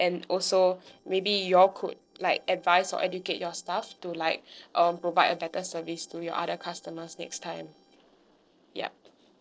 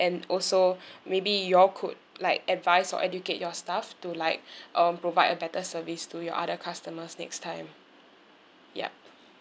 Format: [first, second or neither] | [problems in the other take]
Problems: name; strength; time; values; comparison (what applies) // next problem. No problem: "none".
second | noise reduction (neural separator model SepFormer DNS4)